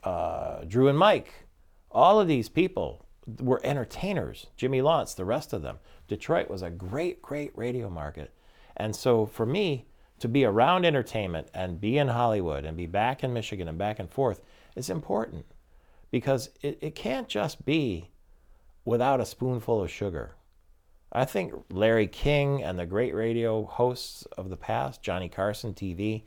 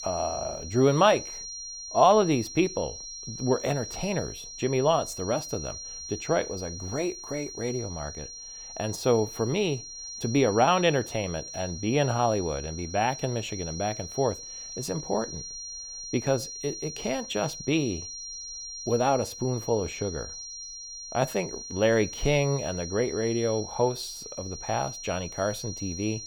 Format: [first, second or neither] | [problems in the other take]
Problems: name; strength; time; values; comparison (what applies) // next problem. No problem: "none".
first | high-pitched whine; loud; throughout; 5.5 kHz, 9 dB below the speech